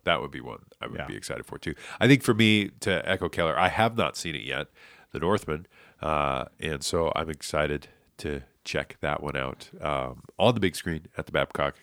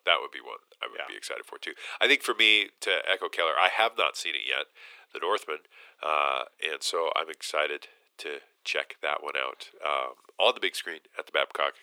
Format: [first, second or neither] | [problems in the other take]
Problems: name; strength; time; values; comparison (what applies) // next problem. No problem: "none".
first | thin; very; fading below 400 Hz